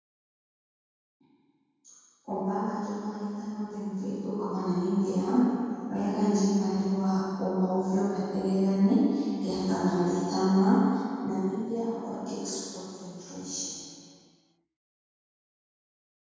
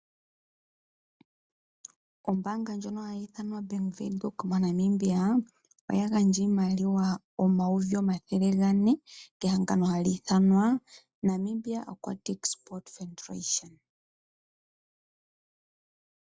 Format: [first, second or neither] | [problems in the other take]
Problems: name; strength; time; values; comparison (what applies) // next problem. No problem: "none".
second | room echo; dies away in 2.2 s